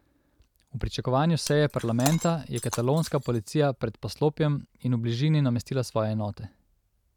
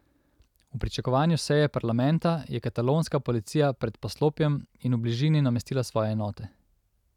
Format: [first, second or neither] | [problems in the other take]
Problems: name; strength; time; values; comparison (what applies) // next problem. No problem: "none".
second | background sound (Shatter); 15 dB below the speech